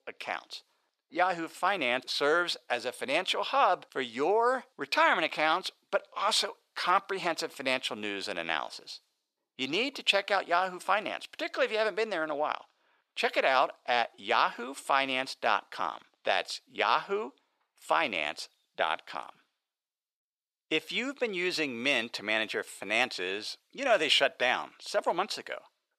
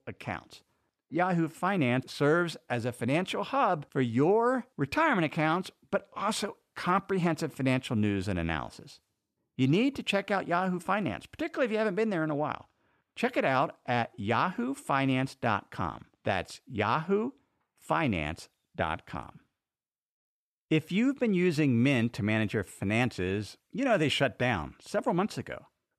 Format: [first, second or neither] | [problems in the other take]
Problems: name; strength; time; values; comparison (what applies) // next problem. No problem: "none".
second | thin; very; fading below 600 Hz